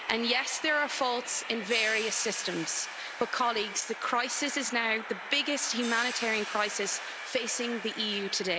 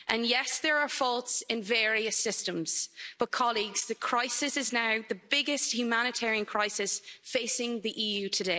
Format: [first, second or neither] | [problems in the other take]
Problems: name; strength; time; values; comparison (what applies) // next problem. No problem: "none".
second | background sound (Train + Hi-hat); 9 dB below the speech